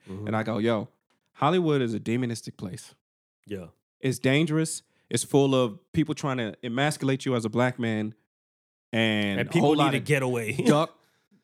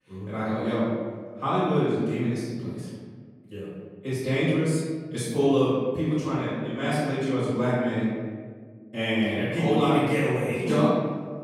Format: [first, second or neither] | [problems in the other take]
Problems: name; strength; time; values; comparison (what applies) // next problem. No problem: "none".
first | off-mic speech; far // room echo; strong; dies away in 1.5 s